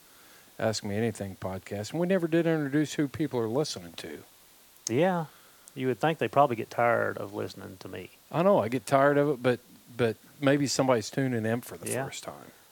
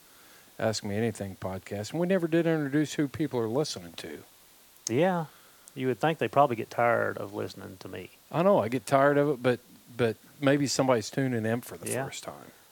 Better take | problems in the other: neither | hiss; faint; throughout; 25 dB below the speech; the same in both

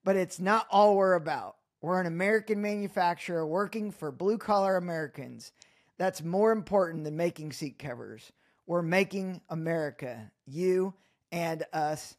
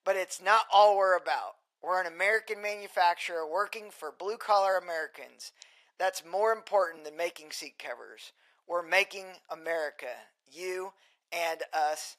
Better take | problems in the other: first | thin; very; fading below 600 Hz

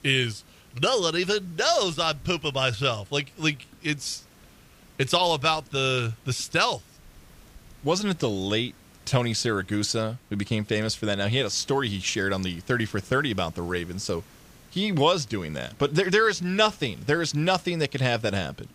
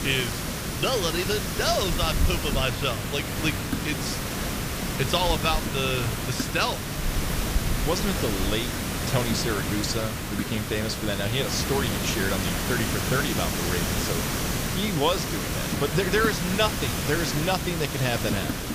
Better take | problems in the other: first | hiss; loud; throughout; as loud as the speech; faint in the first

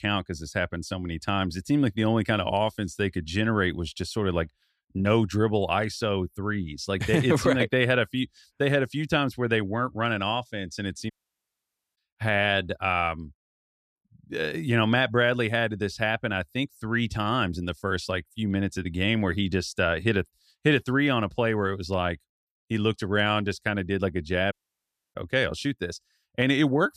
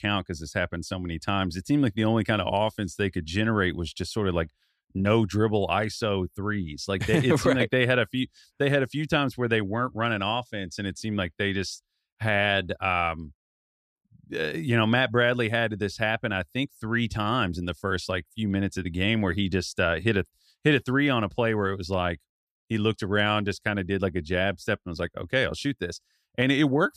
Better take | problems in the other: second | audio cutting out; at 11 s for 1 s and at 25 s for 0.5 s

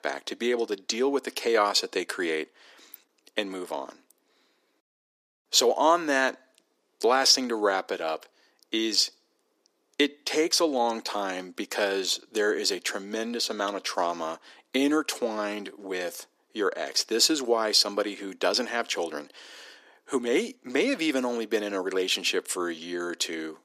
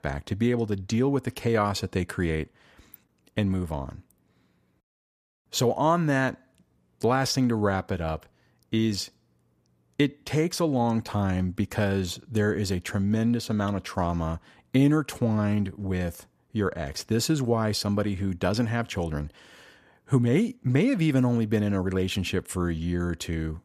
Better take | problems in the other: second | thin; somewhat; fading below 300 Hz

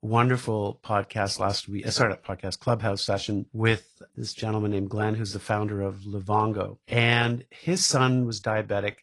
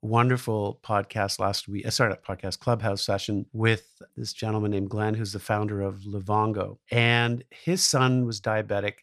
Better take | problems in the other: second | garbled, watery; slightly; nothing above 10.5 kHz

